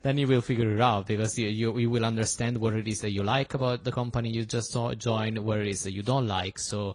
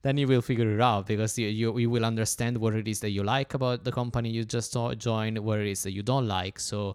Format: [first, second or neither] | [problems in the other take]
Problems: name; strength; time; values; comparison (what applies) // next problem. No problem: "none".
second | garbled, watery; slightly; nothing above 10 kHz